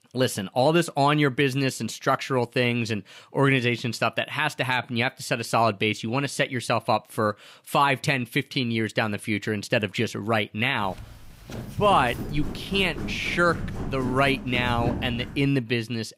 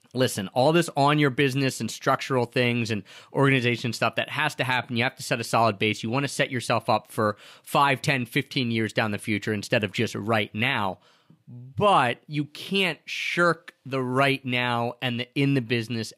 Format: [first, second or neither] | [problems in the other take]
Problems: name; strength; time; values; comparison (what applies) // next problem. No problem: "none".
second | footsteps; noticeable; from 11 to 15 s; peak 5 dB below the speech